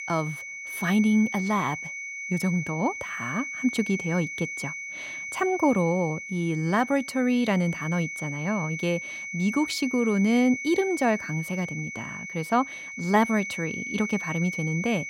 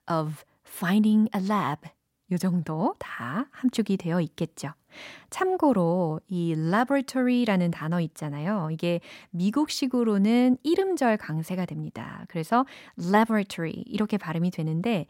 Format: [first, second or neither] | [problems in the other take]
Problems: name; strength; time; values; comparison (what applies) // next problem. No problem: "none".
second | high-pitched whine; loud; throughout; 2 kHz, 7 dB below the speech